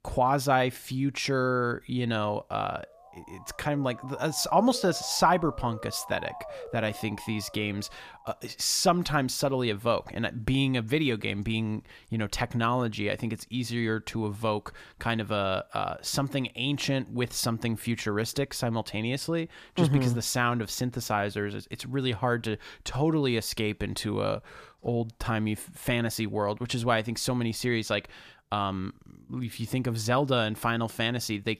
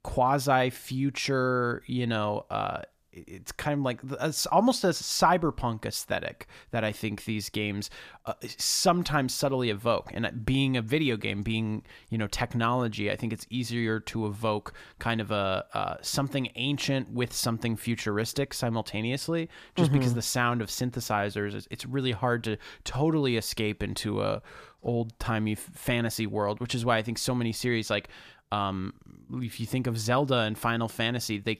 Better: second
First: siren; faint; from 3 to 8.5 s; peak 10 dB below the speech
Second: none

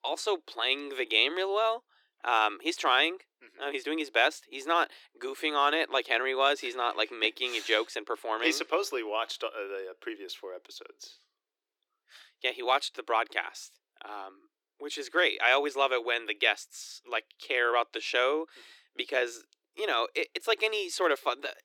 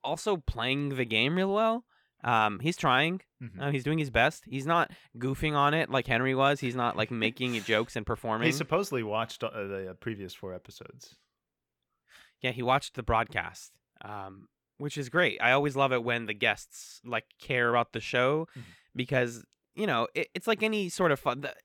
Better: second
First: thin; very; fading below 300 Hz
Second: none

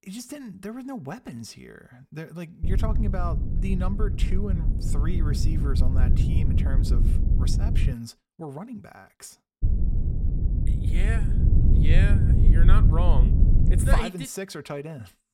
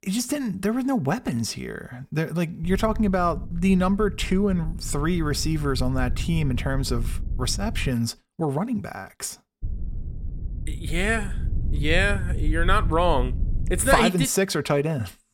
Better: second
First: low rumble; loud; from 2.5 to 8 s and from 9.5 to 14 s; 2 dB below the speech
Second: low rumble; faint; from 2.5 to 8 s and from 9.5 to 14 s; 20 dB below the speech

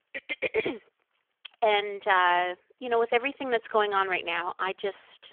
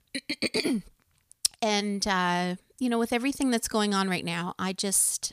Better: second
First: phone-call audio; poor line; nothing above 3.5 kHz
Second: none

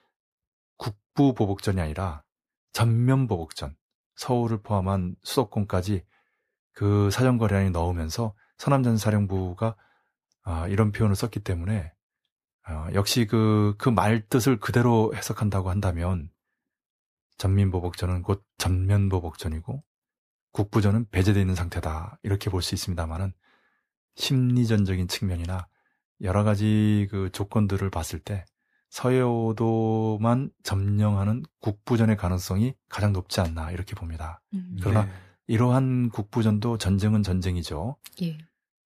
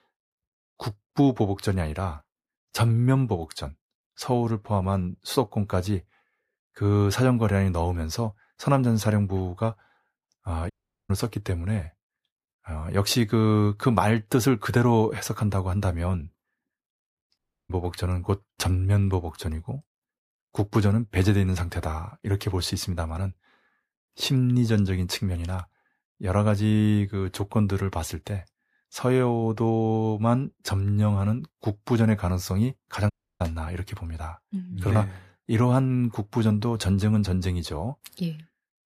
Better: first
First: none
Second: audio cutting out; at 11 s, at 17 s and at 33 s

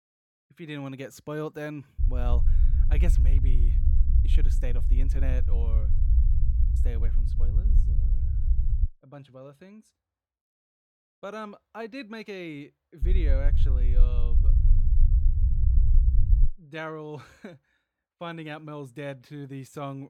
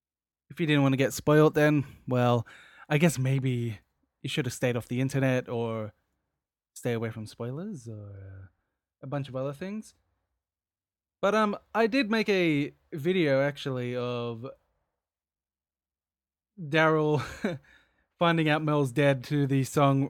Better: second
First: low rumble; loud; from 2 to 9 s and from 13 to 16 s; 7 dB below the speech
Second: none

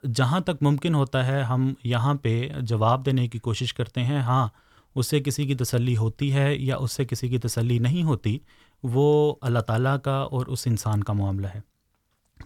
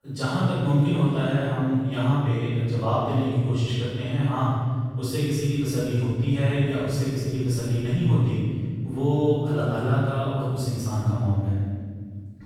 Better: first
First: none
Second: off-mic speech; far // room echo; strong; dies away in 2 s

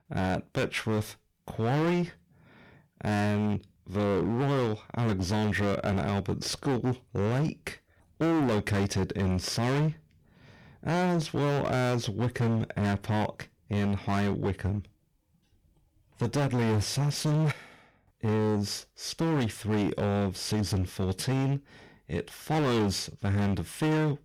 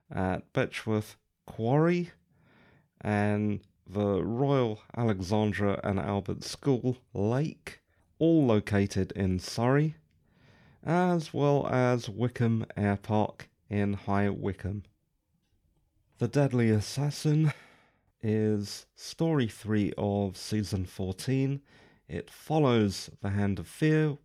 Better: second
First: distortion; heavy; 18% of the sound clipped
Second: none

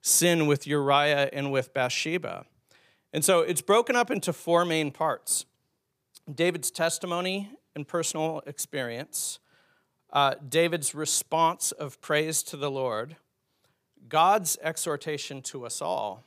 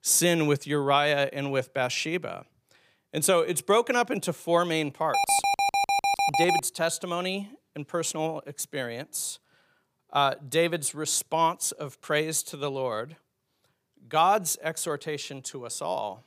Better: first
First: none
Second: alarm; loud; from 5 to 6.5 s; peak 3 dB above the speech

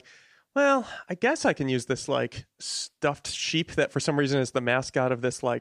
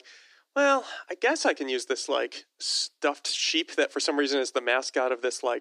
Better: first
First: none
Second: thin; very slightly; fading below 300 Hz

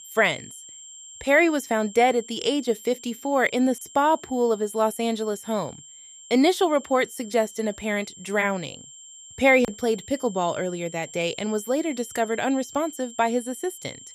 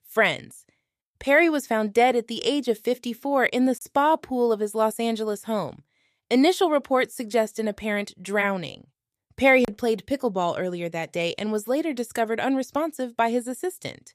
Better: second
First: high-pitched whine; noticeable; throughout; 7.5 kHz, 15 dB below the speech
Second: none

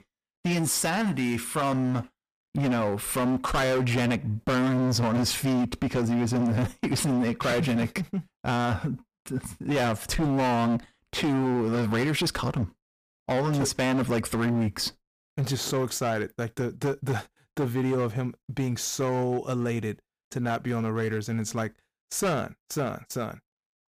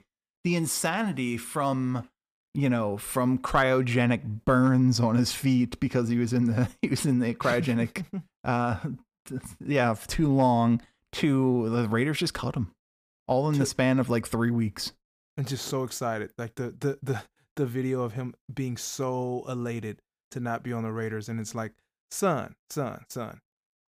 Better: second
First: distortion; heavy; 18% of the sound clipped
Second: none

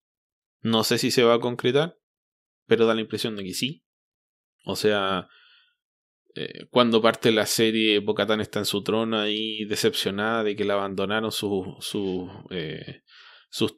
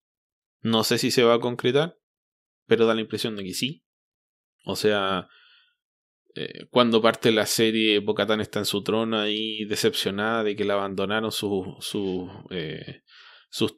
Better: neither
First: none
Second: none

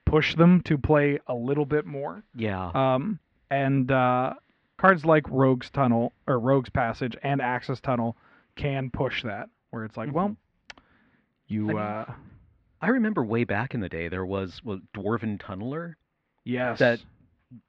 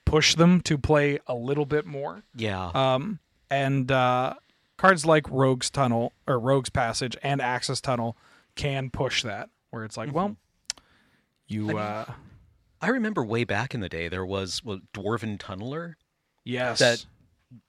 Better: second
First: muffled; very; fading above 2.5 kHz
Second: none

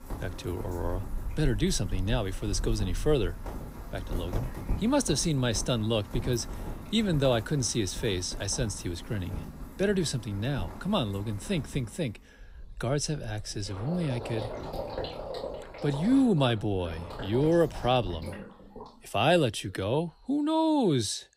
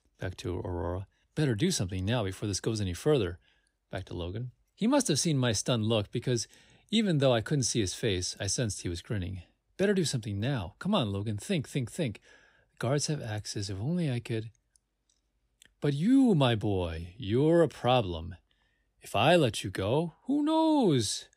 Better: second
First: rain or running water; noticeable; throughout; 10 dB below the speech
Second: none

